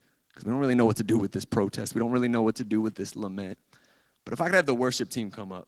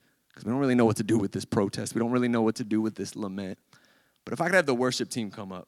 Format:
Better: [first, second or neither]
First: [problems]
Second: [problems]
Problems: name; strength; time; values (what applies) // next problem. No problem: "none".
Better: second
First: garbled, watery; slightly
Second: none